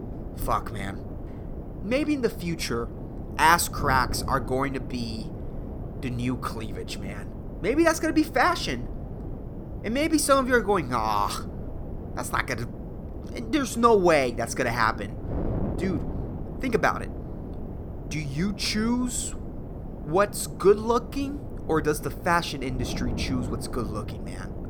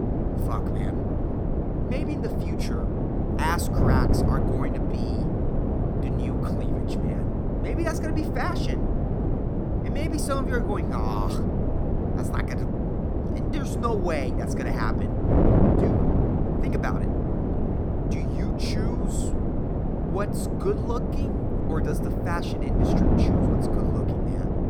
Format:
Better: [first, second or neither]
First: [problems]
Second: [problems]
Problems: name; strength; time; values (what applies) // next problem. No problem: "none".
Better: first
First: wind noise on the microphone; occasional gusts; 15 dB below the speech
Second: wind noise on the microphone; heavy; 1 dB above the speech